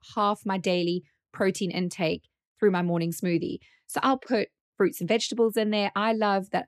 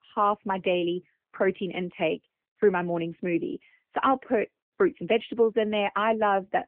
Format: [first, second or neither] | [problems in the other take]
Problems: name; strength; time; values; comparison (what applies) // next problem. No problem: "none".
first | phone-call audio; nothing above 3 kHz